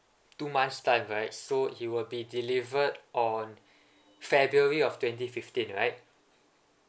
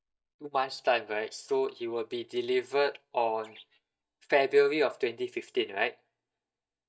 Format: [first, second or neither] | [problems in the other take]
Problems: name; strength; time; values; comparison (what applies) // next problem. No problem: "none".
first | noise reduction (neural mask model DeepFilterNet 3)